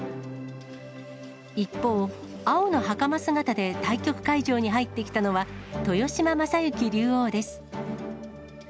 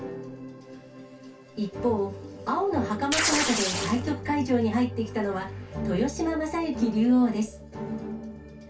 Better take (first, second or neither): first